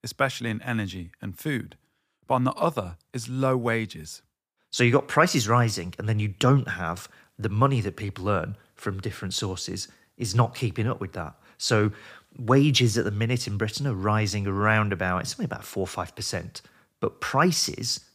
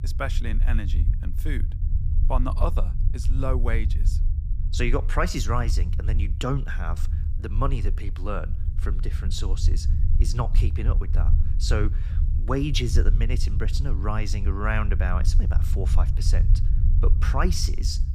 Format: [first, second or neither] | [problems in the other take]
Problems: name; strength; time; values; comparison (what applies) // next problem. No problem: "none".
first | low rumble; noticeable; throughout; 10 dB below the speech